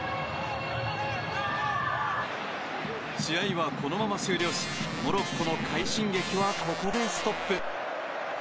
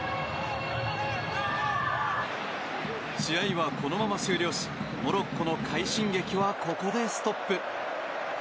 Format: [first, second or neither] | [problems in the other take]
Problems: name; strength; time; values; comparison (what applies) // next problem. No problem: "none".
second | background sound (Organ); 6 dB below the speech